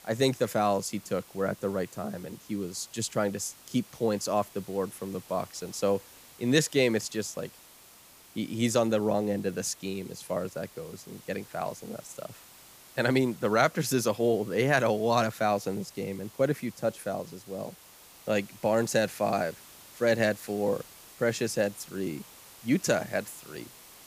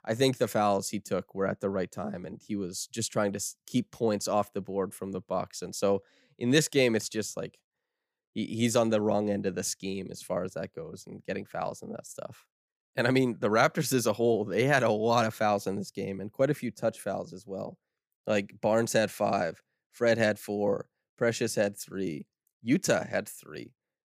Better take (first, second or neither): second